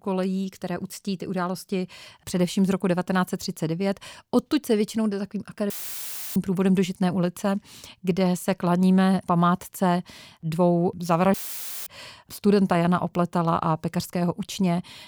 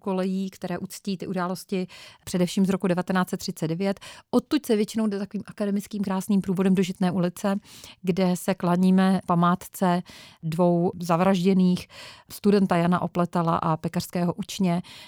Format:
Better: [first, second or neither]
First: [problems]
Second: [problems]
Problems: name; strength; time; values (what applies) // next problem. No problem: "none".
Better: second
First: audio cutting out; filled with static; at 5.5 s for 0.5 s and at 11 s for 0.5 s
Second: none